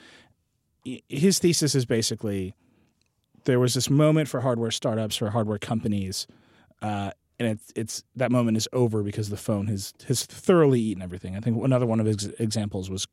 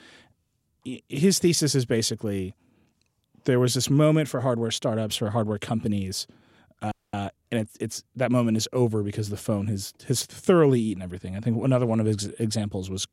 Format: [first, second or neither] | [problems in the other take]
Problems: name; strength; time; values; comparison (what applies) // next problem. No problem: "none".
first | audio freezing; at 7 s